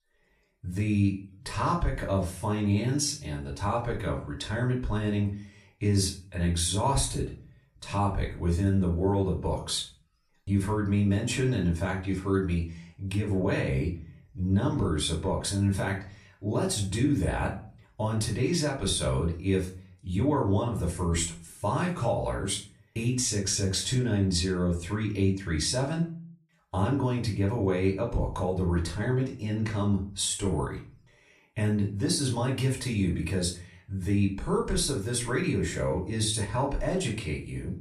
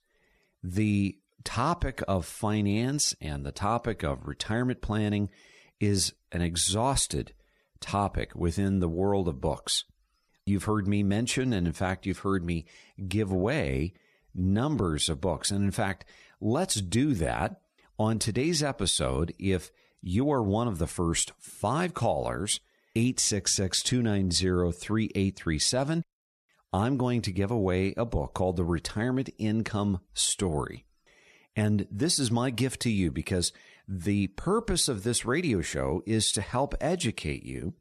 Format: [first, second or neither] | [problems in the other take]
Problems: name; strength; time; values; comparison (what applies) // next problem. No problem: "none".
second | off-mic speech; far // room echo; slight; dies away in 0.3 s